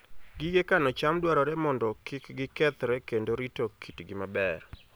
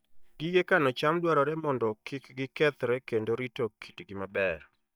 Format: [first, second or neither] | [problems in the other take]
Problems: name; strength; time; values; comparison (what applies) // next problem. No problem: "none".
first | noise reduction (neural mask model DeepFilterNet 3)